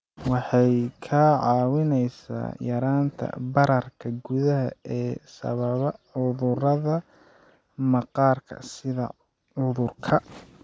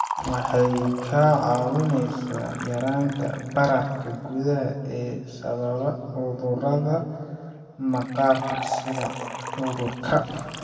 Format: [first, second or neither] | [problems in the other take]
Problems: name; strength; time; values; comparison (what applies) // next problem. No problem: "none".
first | background sound (Liquid); 11 dB below the speech // room echo; dies away in 1.8 s